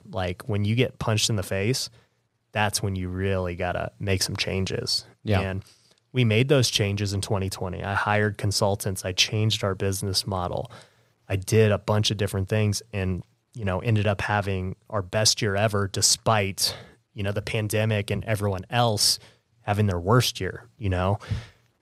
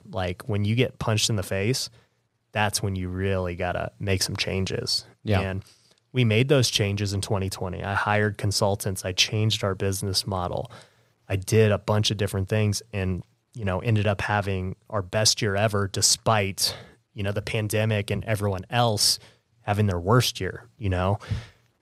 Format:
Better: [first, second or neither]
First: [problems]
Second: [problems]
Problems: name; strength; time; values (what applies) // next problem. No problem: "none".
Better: neither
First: none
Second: none